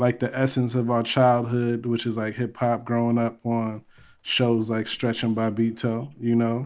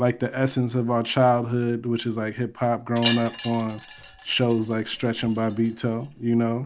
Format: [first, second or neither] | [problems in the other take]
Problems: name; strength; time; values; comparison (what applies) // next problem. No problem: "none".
first | background sound (Wind chime); 13 dB below the speech